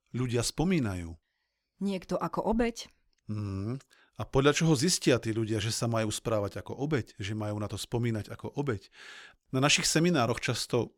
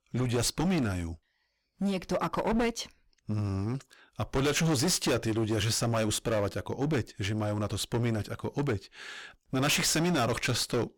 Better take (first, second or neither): first